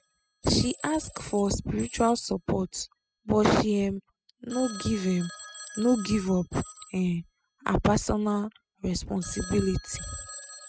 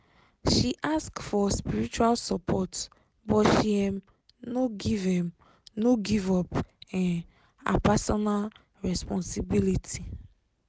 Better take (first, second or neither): second